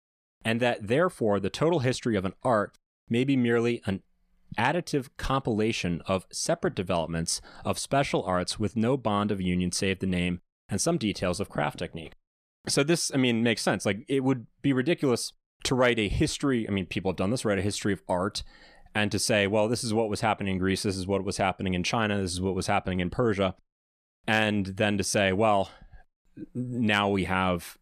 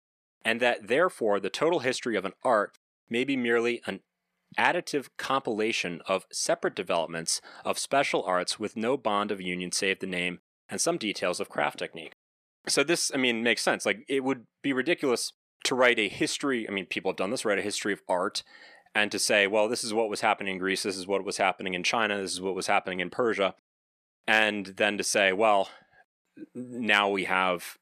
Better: first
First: none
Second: thin; somewhat; fading below 300 Hz

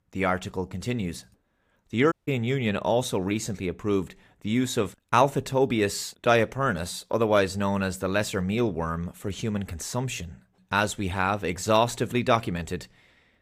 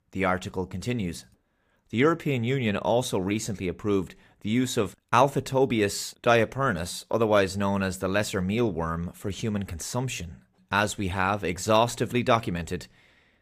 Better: second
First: audio cutting out; at 2 s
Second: none

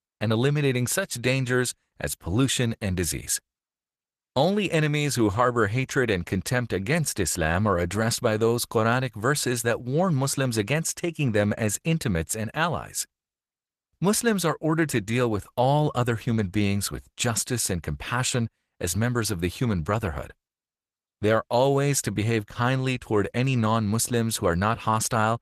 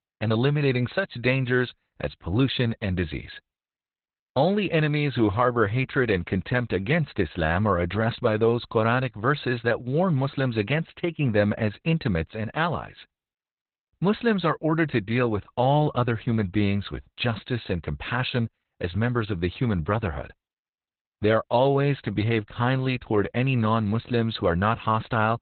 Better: first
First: garbled, watery; slightly; nothing above 13.5 kHz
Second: garbled, watery; badly; nothing above 4 kHz

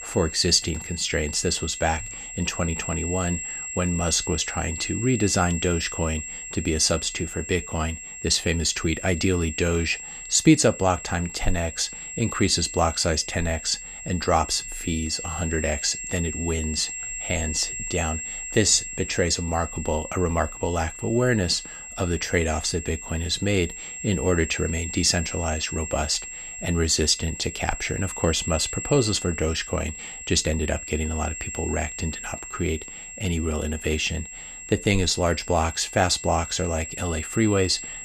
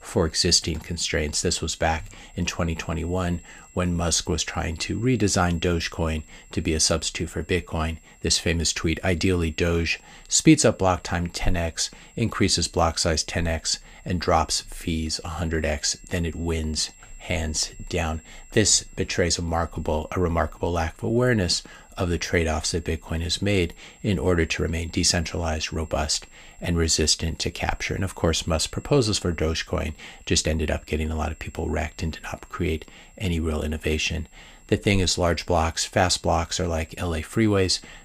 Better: second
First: high-pitched whine; loud; throughout; 7.5 kHz, 8 dB below the speech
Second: high-pitched whine; faint; throughout; 7.5 kHz, 30 dB below the speech

